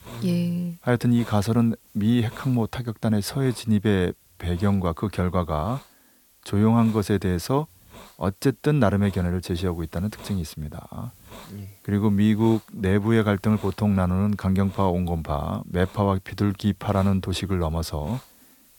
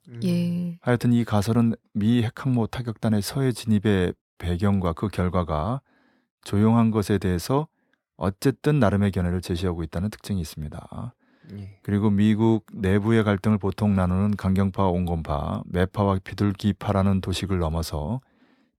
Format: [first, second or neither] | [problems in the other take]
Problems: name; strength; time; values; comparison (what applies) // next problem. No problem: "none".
second | hiss; faint; throughout; 25 dB below the speech